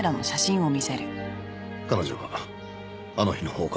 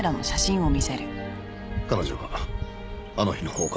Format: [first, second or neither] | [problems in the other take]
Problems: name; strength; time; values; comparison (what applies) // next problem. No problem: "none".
first | background sound (Bird); 4 dB below the speech